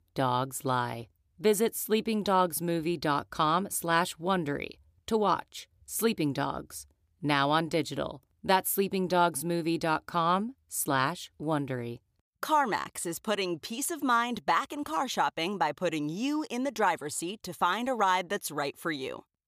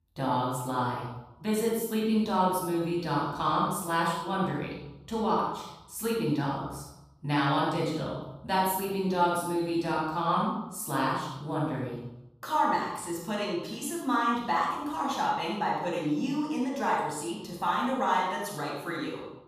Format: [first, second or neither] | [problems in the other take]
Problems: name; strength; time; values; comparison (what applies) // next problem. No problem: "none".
first | room echo; strong; dies away in 0.9 s // off-mic speech; far